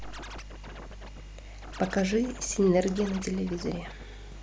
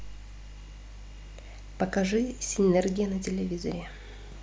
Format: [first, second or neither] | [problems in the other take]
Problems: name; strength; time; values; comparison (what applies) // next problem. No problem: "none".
second | background sound (Scratching (performance technique)); 16 dB below the speech